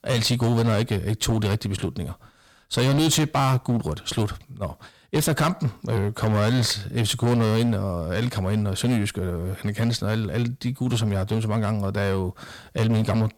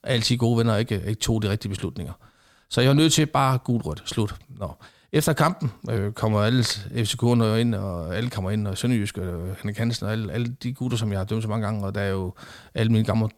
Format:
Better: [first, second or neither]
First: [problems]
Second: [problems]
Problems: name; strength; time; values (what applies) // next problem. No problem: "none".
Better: second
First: distortion; slight; 10% of the sound clipped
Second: none